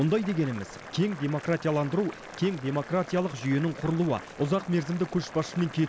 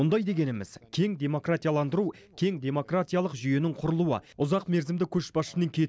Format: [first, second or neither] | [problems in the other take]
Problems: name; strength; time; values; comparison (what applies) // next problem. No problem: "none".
second | background sound (Boiling); 15 dB below the speech